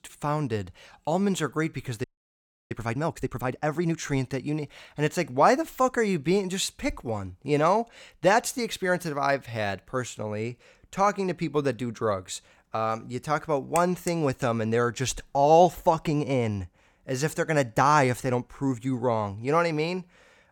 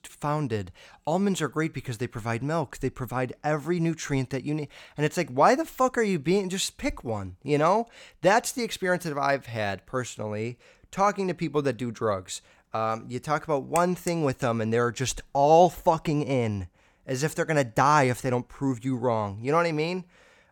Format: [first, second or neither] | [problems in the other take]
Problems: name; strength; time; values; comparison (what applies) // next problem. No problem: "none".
second | audio freezing; at 2 s for 0.5 s